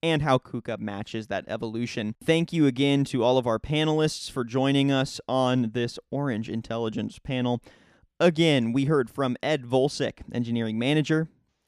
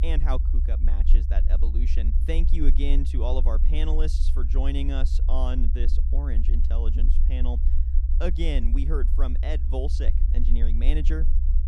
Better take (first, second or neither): first